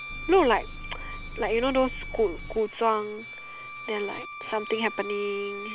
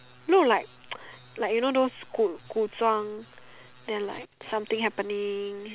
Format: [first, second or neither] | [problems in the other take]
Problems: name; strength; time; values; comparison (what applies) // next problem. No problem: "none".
second | background sound (Bowed string instrument + Engine); 10 dB below the speech